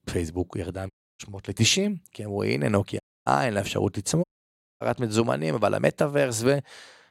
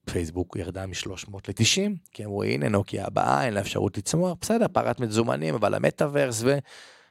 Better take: second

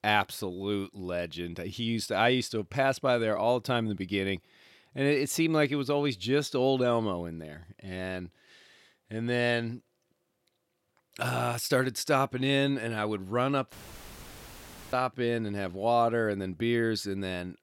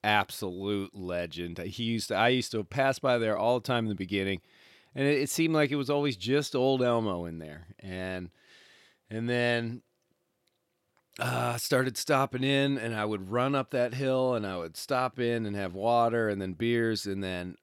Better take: second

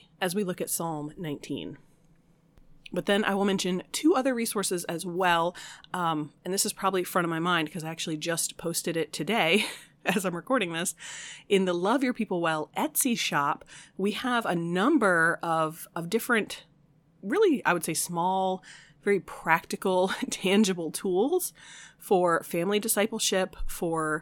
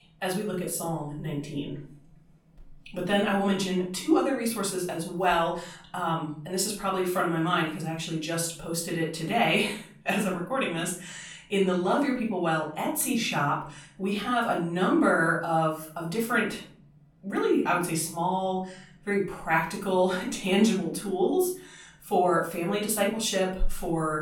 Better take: first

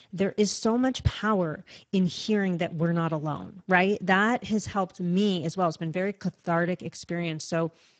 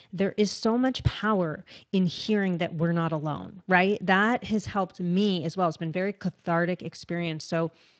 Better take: second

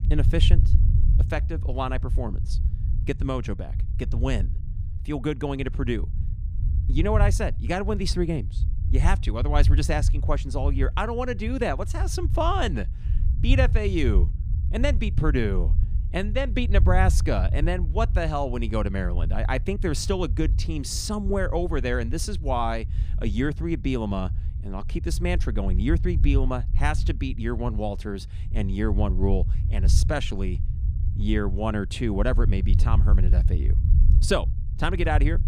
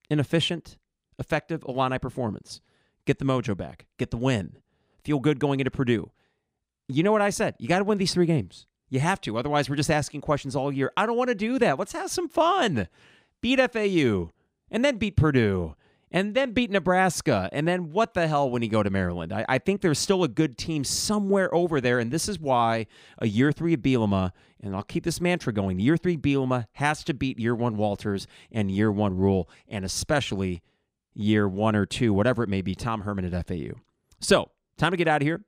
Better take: second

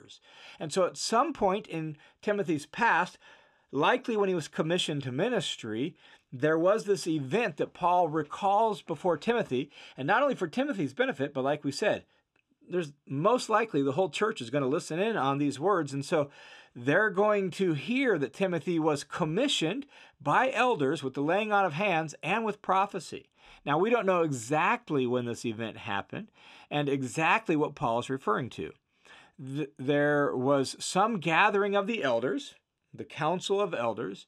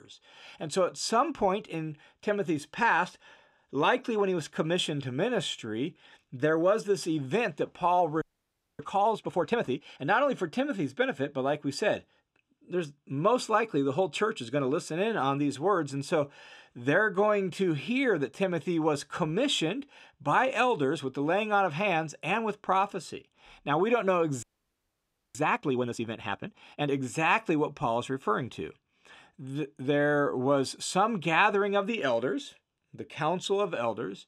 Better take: first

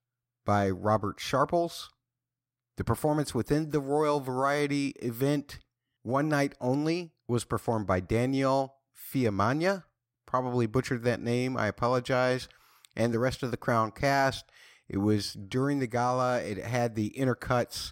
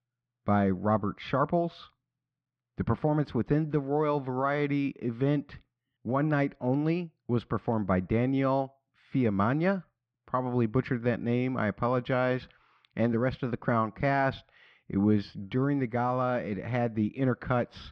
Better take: first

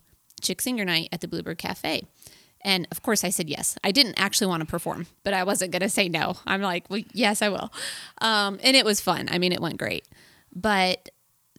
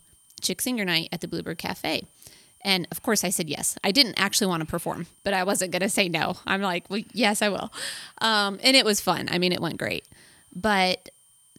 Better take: first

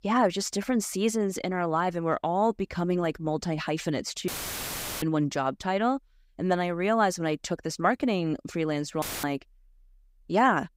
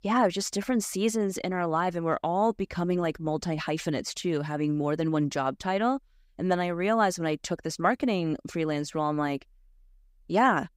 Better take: second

